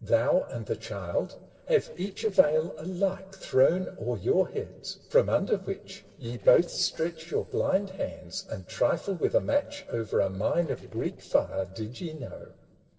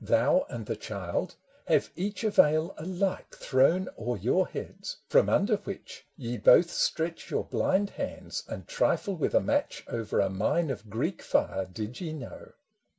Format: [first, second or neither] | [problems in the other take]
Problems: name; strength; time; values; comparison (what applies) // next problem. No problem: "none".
second | noise reduction (neural separator model SepFormer DNS4)